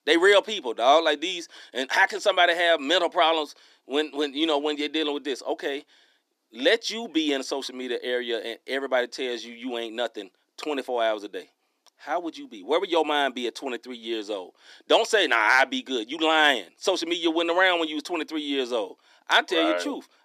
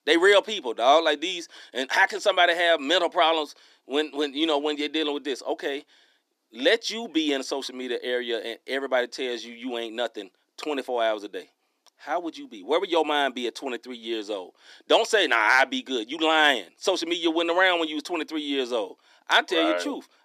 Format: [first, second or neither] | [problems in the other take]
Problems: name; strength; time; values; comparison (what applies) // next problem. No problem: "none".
neither | thin; very slightly; fading below 300 Hz; the same in both